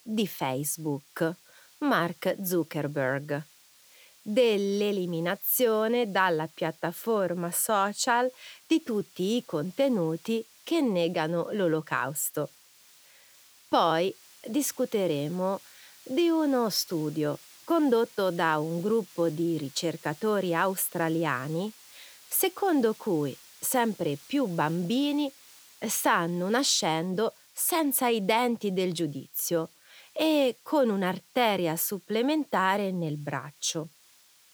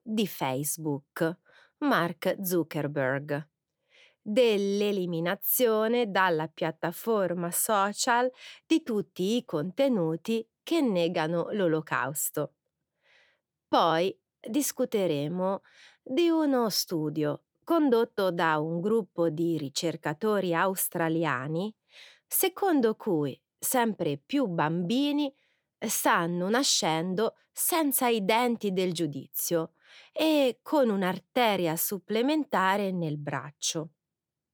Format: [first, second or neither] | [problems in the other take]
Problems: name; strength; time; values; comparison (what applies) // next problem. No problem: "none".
second | hiss; faint; throughout; 25 dB below the speech